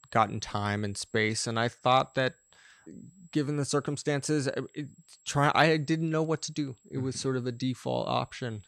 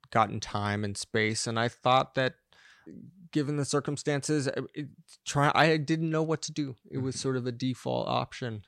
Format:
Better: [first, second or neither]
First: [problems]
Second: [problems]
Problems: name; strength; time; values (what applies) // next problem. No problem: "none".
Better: second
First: high-pitched whine; faint; throughout; 7.5 kHz, 35 dB below the speech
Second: none